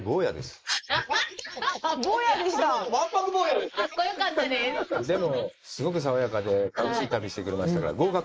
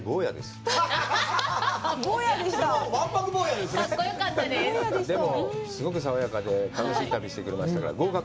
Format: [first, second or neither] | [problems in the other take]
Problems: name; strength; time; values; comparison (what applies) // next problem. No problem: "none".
second | noise reduction (neural mask model Resemble Enhance denoiser)